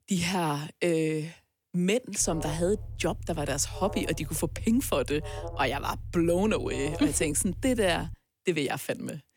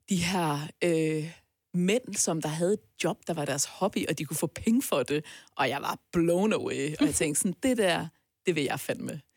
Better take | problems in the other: second | alarm; noticeable; from 2 to 8 s; peak 10 dB below the speech

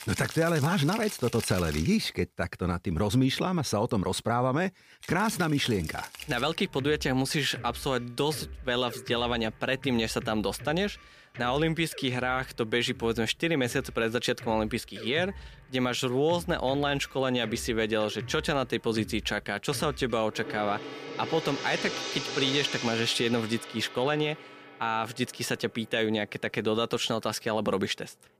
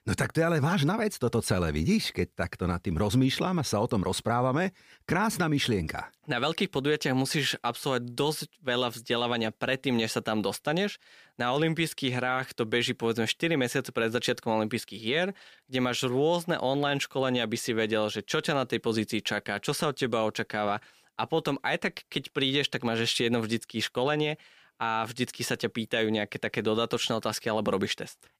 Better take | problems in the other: second | background music; noticeable; throughout; 10 dB below the speech

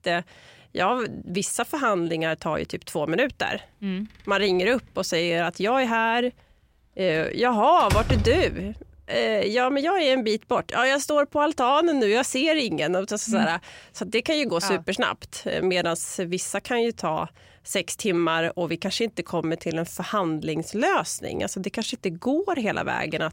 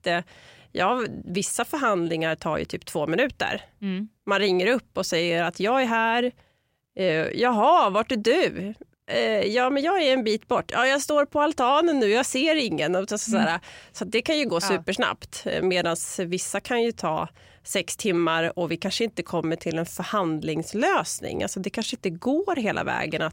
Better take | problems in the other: second | door banging; noticeable; at 8 s; peak level with the speech

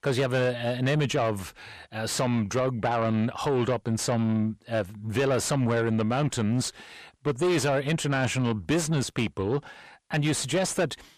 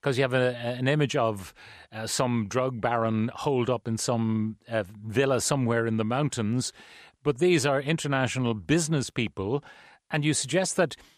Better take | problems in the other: second | distortion; slight; 10 dB below the speech

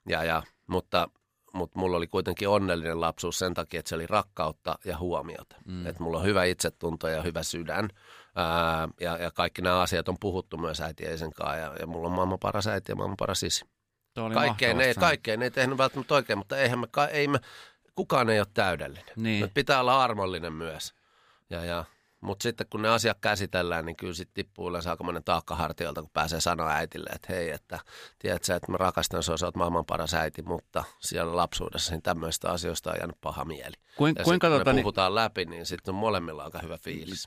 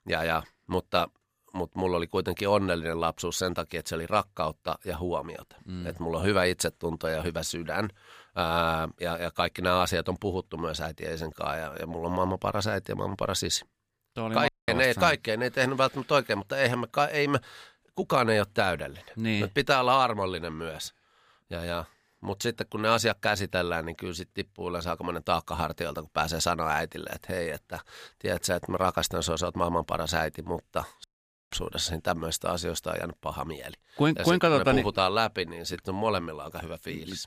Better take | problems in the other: first | audio cutting out; at 14 s and at 31 s

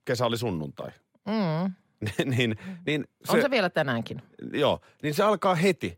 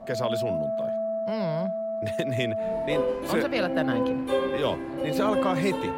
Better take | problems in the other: first | background music; very loud; throughout; 2 dB above the speech

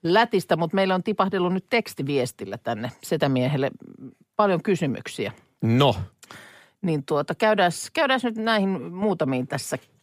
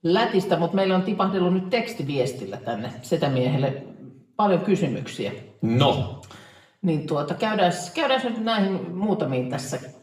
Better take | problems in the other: first | room echo; slight; dies away in 0.7 s // off-mic speech; somewhat distant

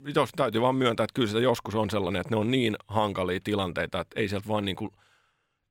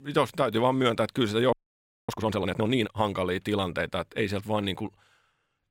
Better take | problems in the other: first | audio freezing; at 1.5 s for 0.5 s

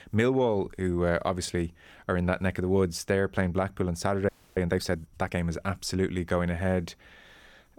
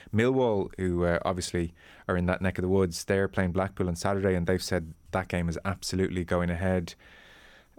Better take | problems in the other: second | audio freezing; at 4.5 s

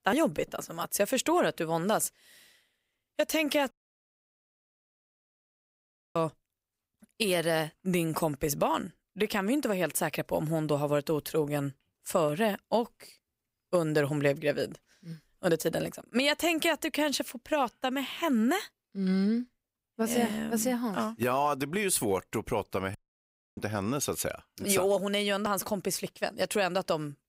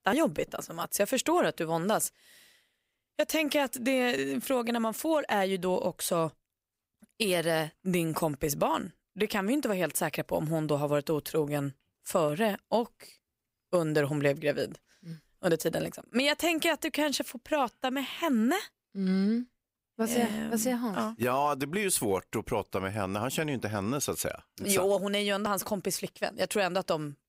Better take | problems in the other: second | audio cutting out; at 3.5 s for 2.5 s and at 23 s for 0.5 s

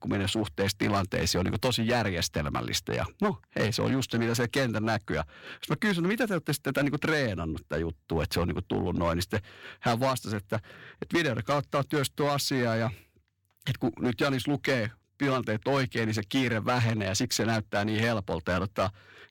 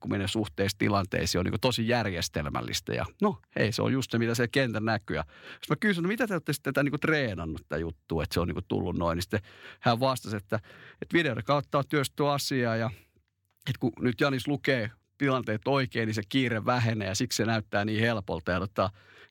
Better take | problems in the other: second | distortion; slight; 7% of the sound clipped

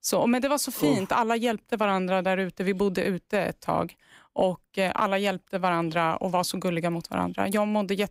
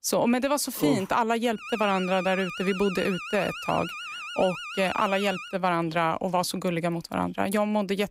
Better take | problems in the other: first | alarm; noticeable; from 1.5 to 5.5 s; peak 8 dB below the speech

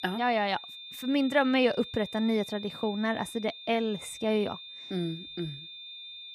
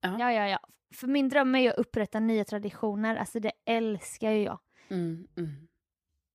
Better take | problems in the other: second | high-pitched whine; noticeable; throughout; 3.5 kHz, 10 dB below the speech

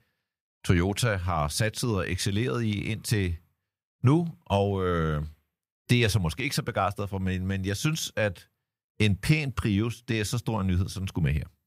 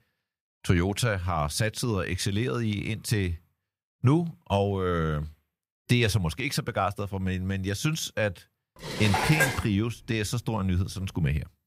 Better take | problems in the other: first | clattering dishes; loud; at 9 s; peak 3 dB above the speech

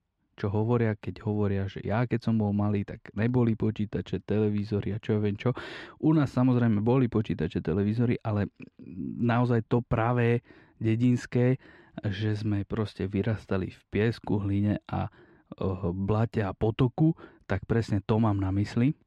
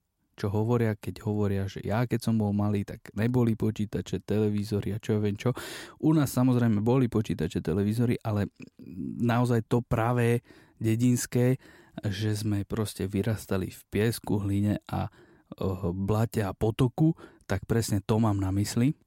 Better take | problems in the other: second | muffled; slightly; fading above 3 kHz

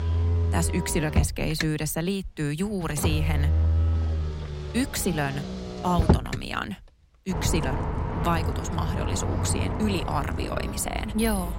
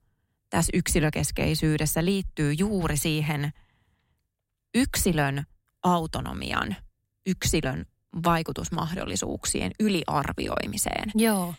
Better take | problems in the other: second | traffic noise; very loud; throughout; as loud as the speech

